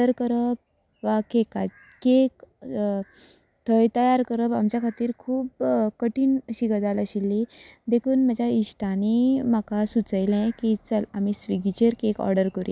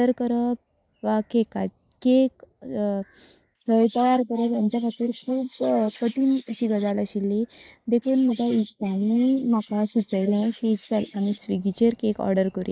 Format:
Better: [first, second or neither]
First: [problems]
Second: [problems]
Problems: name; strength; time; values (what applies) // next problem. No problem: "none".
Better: first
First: none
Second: noise reduction (neural mask model Resemble Enhance denoiser)